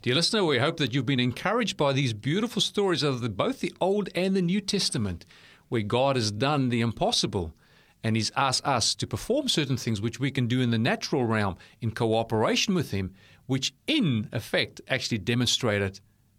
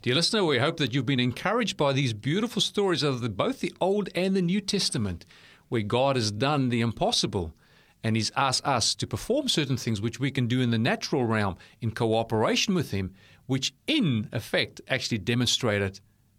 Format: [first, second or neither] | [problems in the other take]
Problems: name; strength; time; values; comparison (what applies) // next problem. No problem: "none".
neither | none